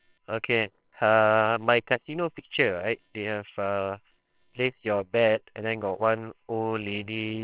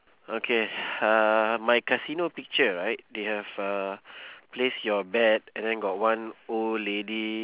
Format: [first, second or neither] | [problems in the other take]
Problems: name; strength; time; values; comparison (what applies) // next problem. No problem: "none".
second | noise reduction (neural separator model SepFormer WHAMR!)